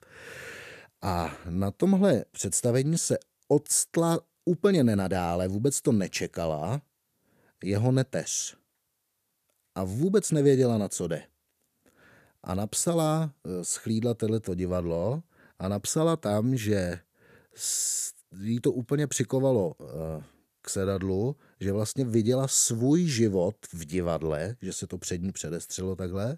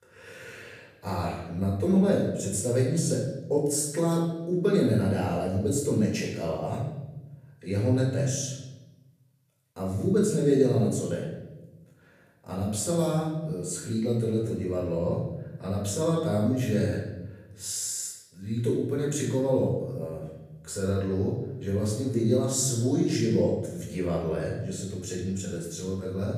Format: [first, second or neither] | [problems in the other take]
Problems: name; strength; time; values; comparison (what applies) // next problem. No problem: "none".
first | room echo; noticeable; dies away in 0.9 s // off-mic speech; far